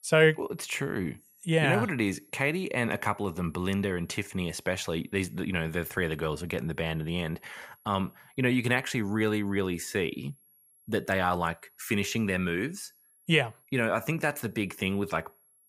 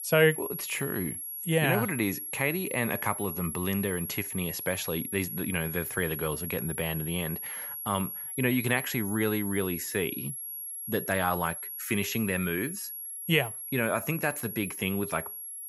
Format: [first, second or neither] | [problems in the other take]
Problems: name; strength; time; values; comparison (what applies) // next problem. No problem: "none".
first | high-pitched whine; loud; throughout; 11.5 kHz, 5 dB below the speech; faint in the first